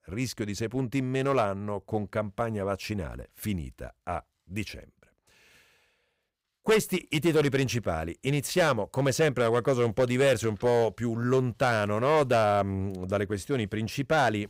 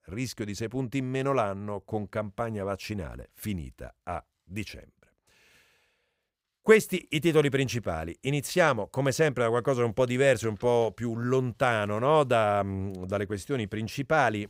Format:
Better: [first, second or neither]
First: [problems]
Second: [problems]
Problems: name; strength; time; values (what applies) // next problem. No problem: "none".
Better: second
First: distortion; slight; 4% of the sound clipped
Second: none